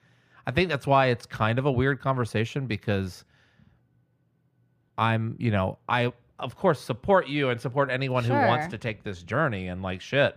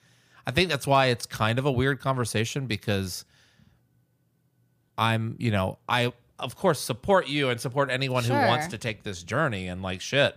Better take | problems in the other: second | muffled; slightly; fading above 4 kHz

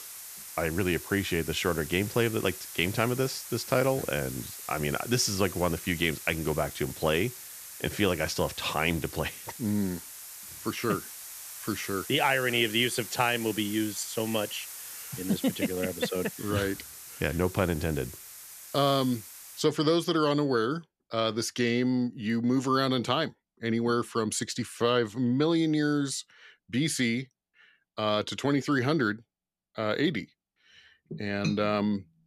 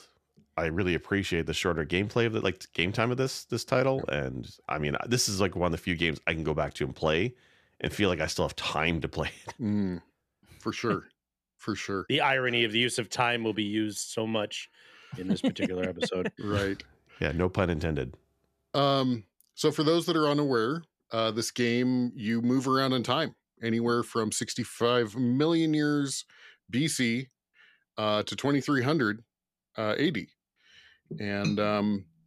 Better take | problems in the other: second | hiss; noticeable; until 20 s; 10 dB below the speech

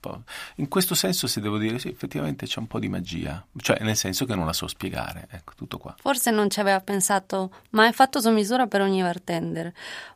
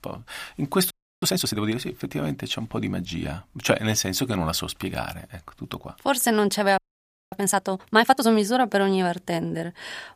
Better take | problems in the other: first | audio freezing; at 1 s and at 7 s for 0.5 s

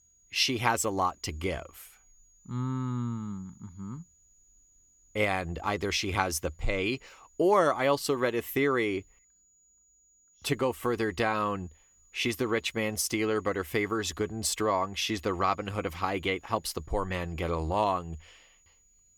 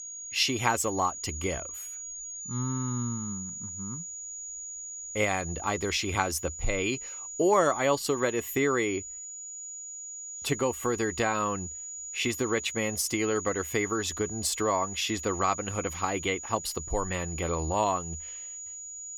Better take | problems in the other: first | high-pitched whine; loud; throughout; 7 kHz, 8 dB below the speech; faint in the first

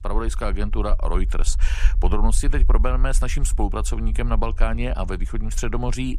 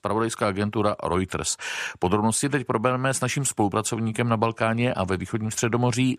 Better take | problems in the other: second | low rumble; noticeable; throughout; 20 dB below the speech

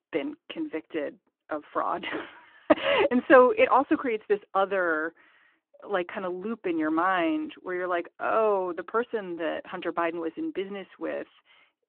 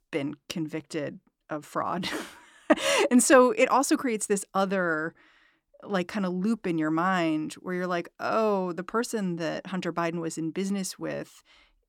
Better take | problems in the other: second | phone-call audio

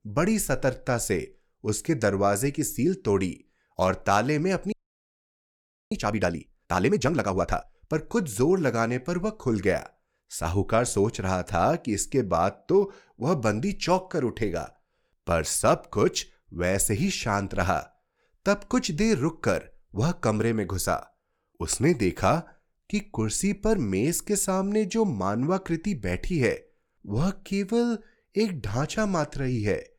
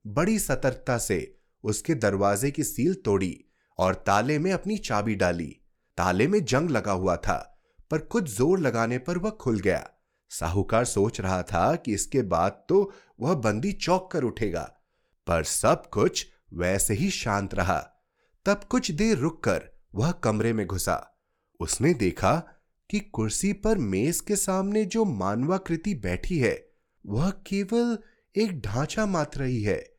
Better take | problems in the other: second | audio freezing; at 4.5 s for 1 s

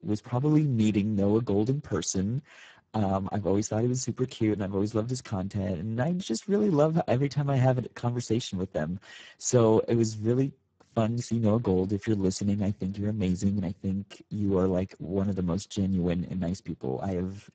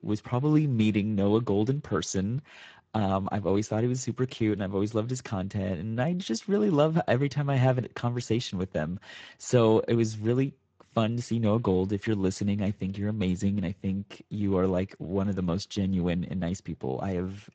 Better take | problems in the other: second | garbled, watery; badly; nothing above 7.5 kHz; slightly in the second

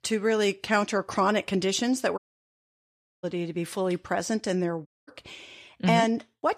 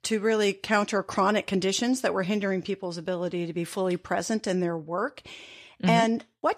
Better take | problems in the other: second | audio cutting out; at 2 s for 1 s and at 5 s

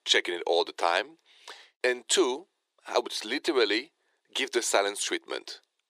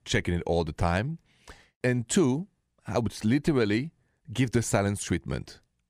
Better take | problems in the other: second | thin; very; fading below 350 Hz

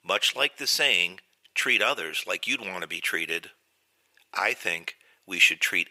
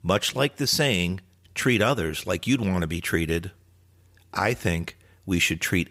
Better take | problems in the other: second | thin; very; fading below 550 Hz

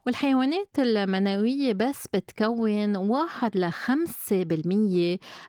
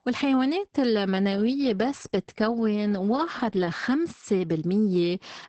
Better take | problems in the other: first | garbled, watery; badly; nothing above 8 kHz; slightly in the first

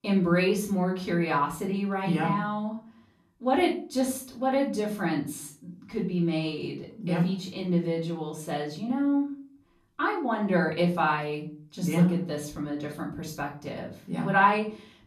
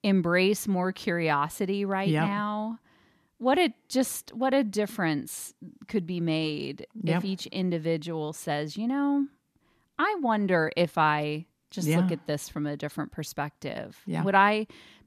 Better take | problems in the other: second | off-mic speech; far // room echo; slight; dies away in 0.4 s

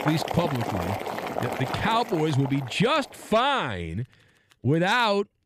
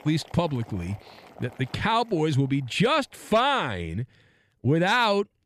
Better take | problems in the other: second | household noises; loud; throughout; 7 dB below the speech; faint in the second

